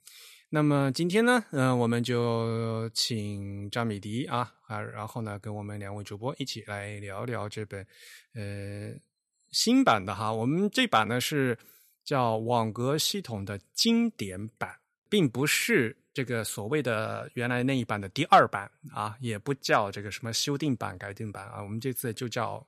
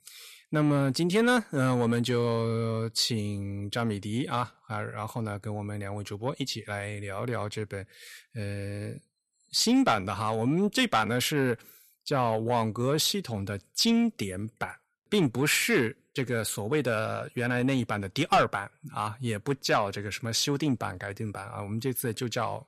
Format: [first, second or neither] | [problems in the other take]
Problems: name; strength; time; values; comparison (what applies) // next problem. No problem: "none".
first | distortion; slight; 10 dB below the speech